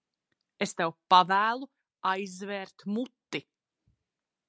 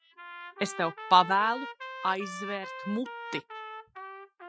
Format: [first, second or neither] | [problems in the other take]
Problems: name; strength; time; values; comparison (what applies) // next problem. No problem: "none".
first | noise reduction (classical method Wiener filter)